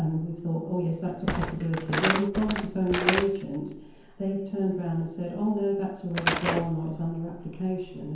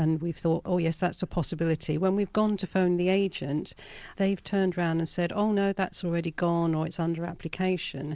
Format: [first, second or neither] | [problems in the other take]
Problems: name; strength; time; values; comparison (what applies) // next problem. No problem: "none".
second | background sound (Slam / Wood); 5 dB below the speech // room echo; dies away in 0.9 s